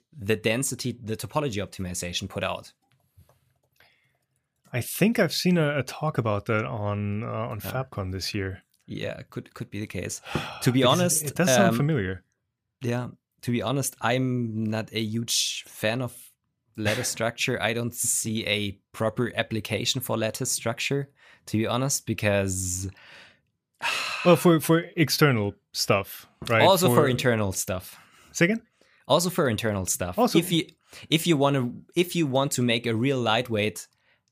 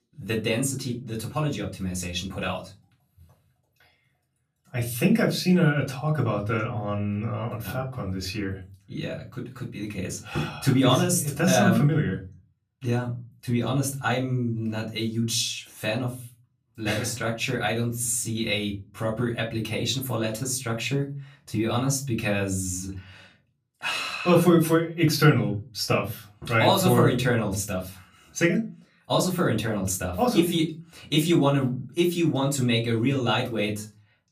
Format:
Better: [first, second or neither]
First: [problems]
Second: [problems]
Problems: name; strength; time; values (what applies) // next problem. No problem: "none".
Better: first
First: none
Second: off-mic speech; far // room echo; very slight; dies away in 0.3 s